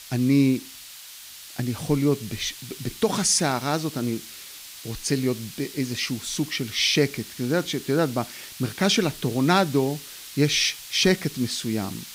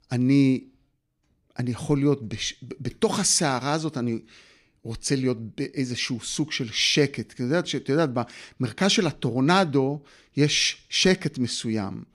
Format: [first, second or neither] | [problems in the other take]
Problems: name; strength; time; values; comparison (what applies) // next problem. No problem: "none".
second | hiss; noticeable; throughout; 15 dB below the speech